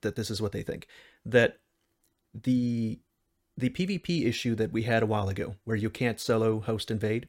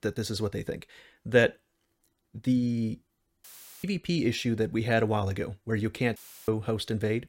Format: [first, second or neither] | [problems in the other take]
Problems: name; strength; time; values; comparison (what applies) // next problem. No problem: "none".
first | audio cutting out; filled with static; at 3.5 s and at 6 s